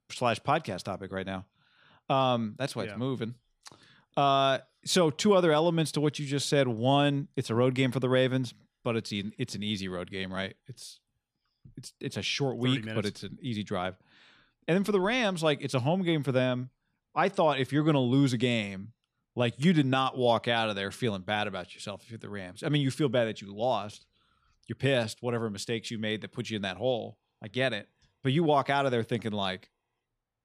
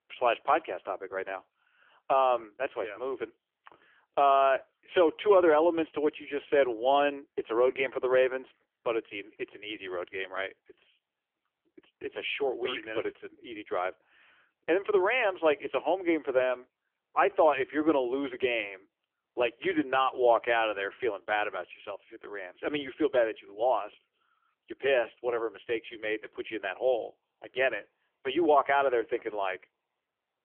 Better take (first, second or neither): first